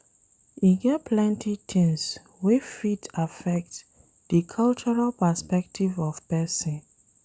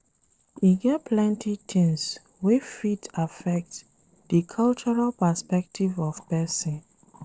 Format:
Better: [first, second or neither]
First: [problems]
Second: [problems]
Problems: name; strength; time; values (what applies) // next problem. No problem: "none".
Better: first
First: none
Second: noise reduction (neural separator model SepFormer DNS4)